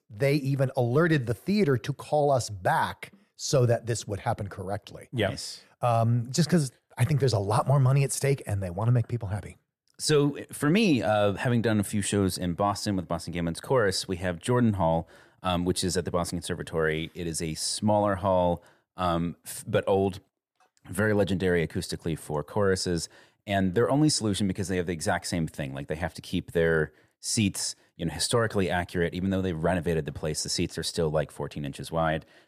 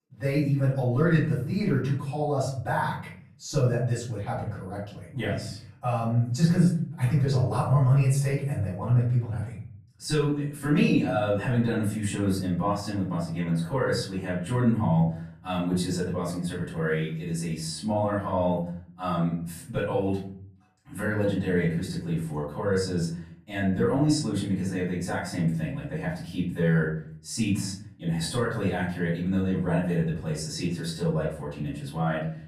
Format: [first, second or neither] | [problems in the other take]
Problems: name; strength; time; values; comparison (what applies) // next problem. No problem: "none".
first | off-mic speech; far // room echo; noticeable; dies away in 0.7 s